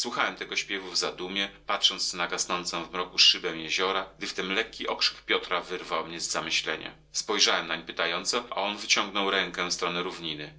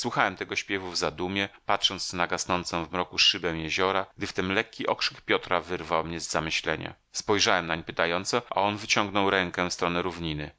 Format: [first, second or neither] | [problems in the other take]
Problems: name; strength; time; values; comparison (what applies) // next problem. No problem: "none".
second | room echo; dies away in 0.2 s